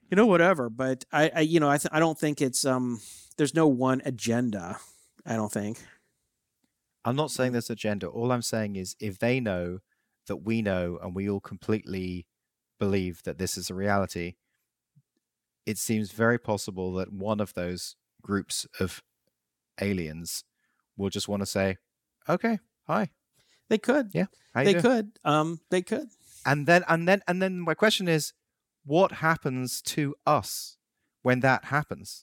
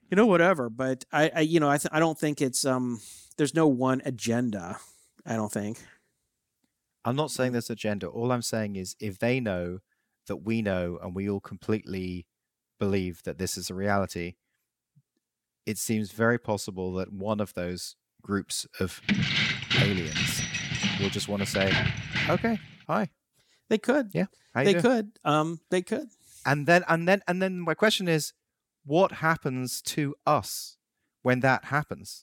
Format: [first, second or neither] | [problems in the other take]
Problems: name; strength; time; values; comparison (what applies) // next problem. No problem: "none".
first | jangling keys; loud; from 19 to 23 s; peak 4 dB above the speech